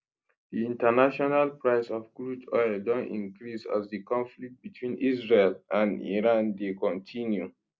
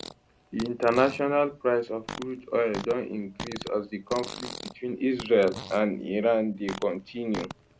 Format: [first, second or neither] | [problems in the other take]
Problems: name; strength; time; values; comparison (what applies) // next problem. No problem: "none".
first | background sound (Fart); 14 dB below the speech